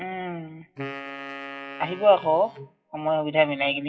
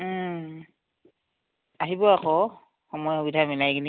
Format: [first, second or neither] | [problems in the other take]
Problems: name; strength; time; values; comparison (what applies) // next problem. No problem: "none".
second | noise reduction (classical method WPE with log-MMSE)